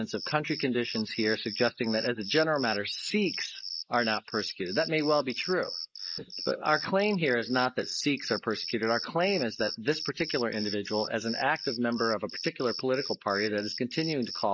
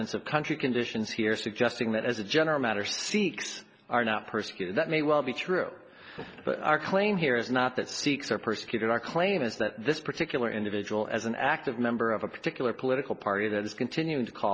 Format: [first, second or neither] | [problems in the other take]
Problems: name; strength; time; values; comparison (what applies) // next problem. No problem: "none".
second | noise reduction (neural mask model Resemble Enhance denoiser)